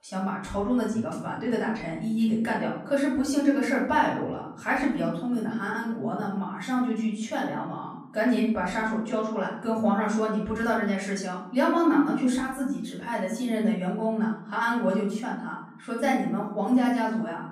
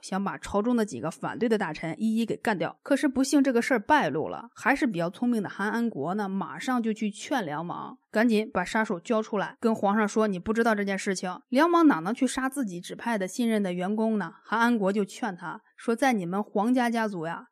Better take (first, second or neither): second